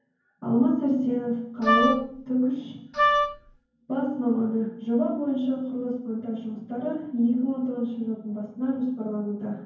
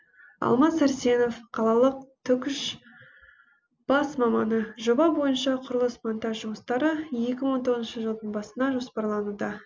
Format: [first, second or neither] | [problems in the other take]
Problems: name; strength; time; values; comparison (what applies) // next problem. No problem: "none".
second | background sound (Wind instrument, woodwind instrument); 3 dB above the speech // room echo; dies away in 0.9 s